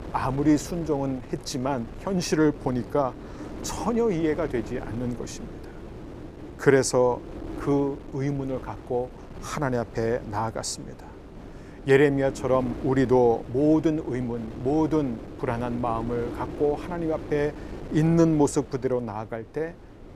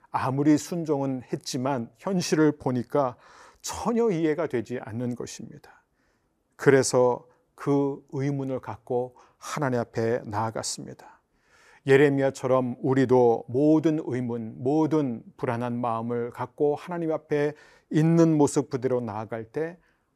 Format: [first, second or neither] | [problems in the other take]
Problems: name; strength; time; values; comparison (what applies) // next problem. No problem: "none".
second | wind noise on the microphone; occasional gusts; 15 dB below the speech